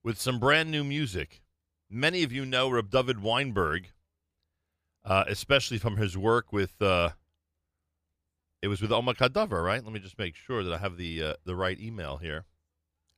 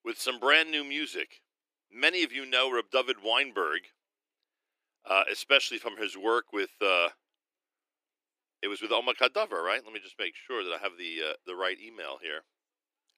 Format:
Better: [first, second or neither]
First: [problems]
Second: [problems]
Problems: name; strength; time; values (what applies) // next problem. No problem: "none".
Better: first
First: none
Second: thin; very; fading below 300 Hz